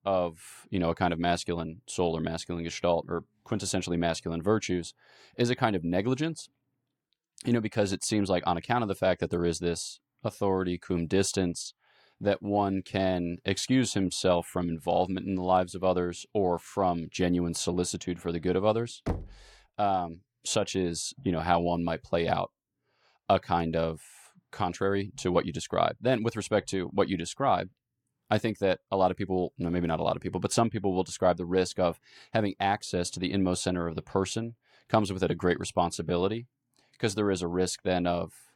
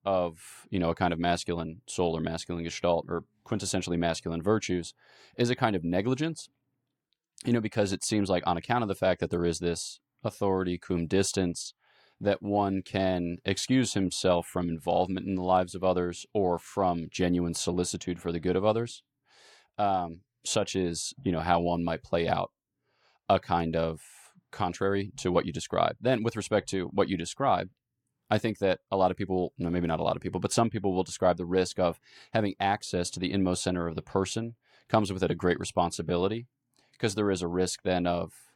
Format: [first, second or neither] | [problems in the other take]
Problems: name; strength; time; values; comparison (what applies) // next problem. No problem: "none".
second | door banging; noticeable; at 19 s; peak 6 dB below the speech